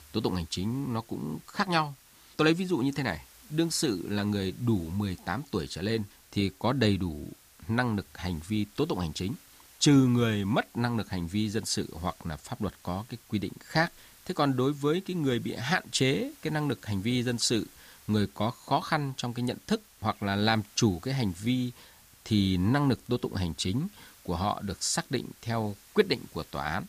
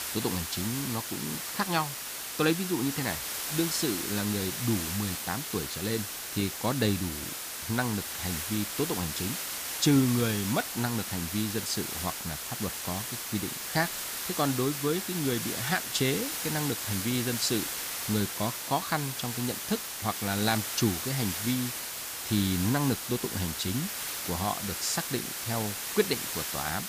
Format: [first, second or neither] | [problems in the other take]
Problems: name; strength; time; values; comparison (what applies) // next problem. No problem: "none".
first | hiss; loud; throughout; 2 dB below the speech; faint in the first